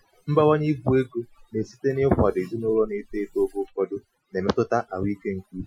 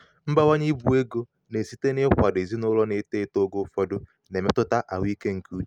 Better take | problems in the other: second | noise reduction (classical method Wiener filter)

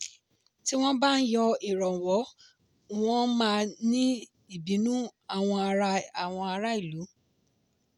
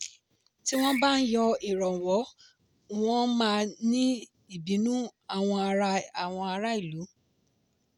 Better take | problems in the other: first | background sound (Screech); 14 dB below the speech

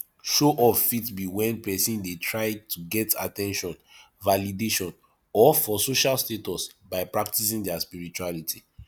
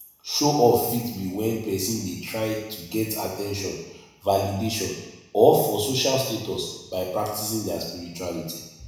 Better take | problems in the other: first | room echo; dies away in 1 s

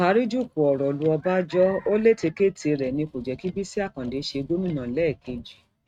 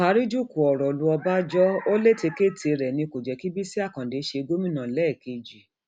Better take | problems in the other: second | noise reduction (neural mask model RNNoise)

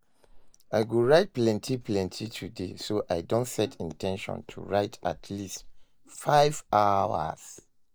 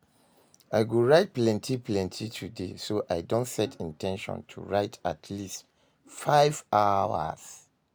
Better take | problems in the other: second | noise reduction (neural mask model DeepFilterNet 3)

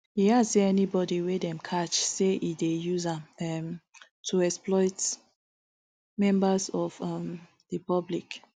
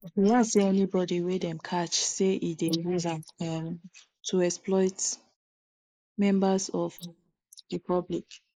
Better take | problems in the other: first | noise reduction (neural mask model Resemble Enhance denoiser)

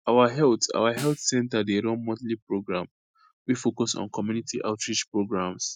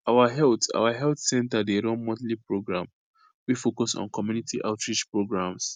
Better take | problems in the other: second | noise reduction (classical method Wiener filter)

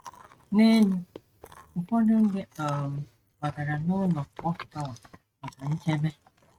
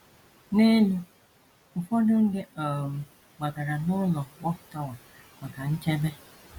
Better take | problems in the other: second | noise reduction (neural mask model RNNoise)

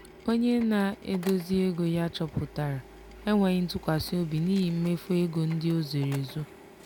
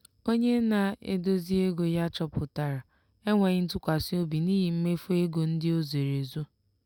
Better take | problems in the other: second | background sound (Printer); 20 dB below the speech

